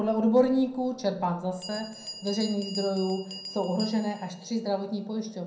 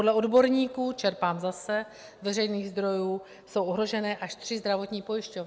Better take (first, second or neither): second